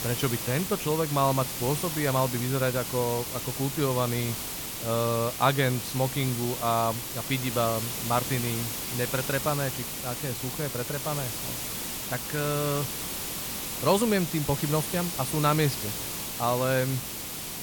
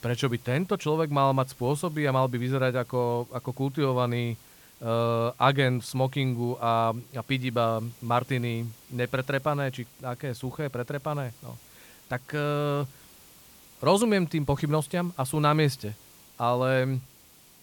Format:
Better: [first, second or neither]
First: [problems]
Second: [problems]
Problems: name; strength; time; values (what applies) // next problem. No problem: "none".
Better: second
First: hiss; loud; throughout; 3 dB below the speech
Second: hiss; faint; throughout; 25 dB below the speech